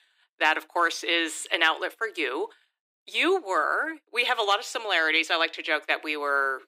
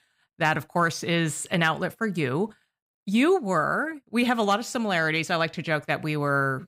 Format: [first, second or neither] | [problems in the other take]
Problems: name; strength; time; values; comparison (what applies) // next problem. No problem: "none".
second | thin; very; fading below 300 Hz